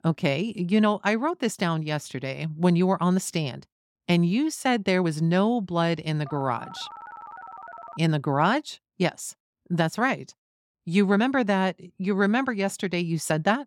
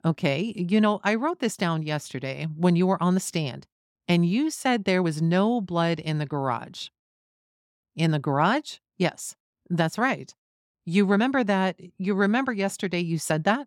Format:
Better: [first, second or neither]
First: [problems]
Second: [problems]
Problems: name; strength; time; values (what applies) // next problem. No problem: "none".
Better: second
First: phone ringing; faint; from 6.5 to 8 s; peak 15 dB below the speech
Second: none